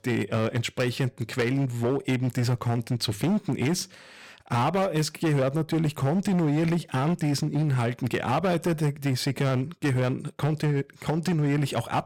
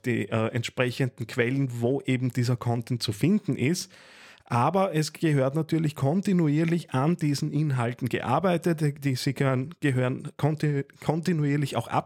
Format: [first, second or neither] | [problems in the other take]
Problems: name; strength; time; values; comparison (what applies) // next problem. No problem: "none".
second | distortion; slight; 16% of the sound clipped